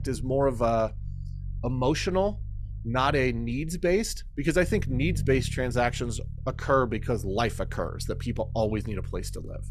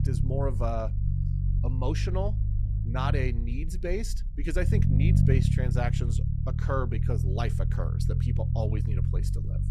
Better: first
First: low rumble; faint; throughout; 20 dB below the speech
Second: low rumble; loud; throughout; 5 dB below the speech

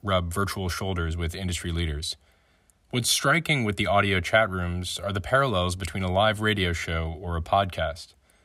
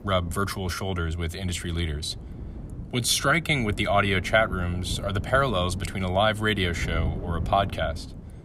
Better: first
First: none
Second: wind noise on the microphone; occasional gusts; 20 dB below the speech

